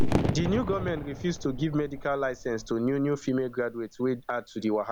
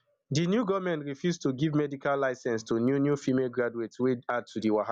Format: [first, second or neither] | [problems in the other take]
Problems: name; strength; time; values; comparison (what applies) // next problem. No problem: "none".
second | background sound (Fireworks); 3 dB below the speech